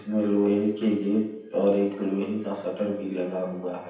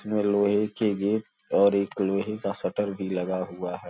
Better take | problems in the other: second | room echo; dies away in 0.9 s

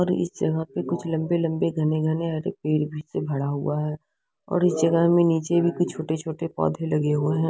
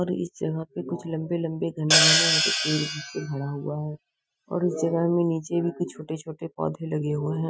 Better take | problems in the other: first | noise reduction (classical method Wiener filter)

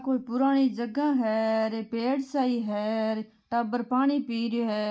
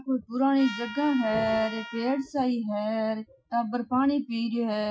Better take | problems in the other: first | noise reduction (classical method Wiener filter)

